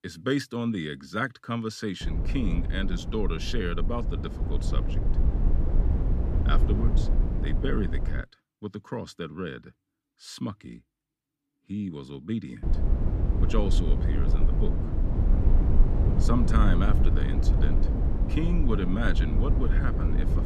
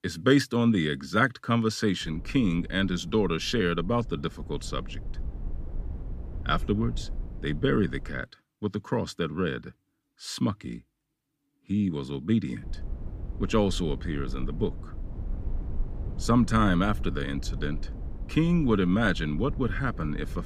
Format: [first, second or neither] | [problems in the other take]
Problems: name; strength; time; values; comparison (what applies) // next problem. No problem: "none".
second | low rumble; loud; from 2 to 8 s and from 13 s on; 5 dB below the speech; faint in the second